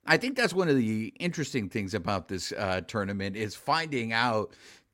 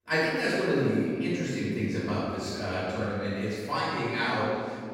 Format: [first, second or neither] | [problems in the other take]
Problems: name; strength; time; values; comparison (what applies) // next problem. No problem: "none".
first | off-mic speech; far // room echo; strong; dies away in 2.1 s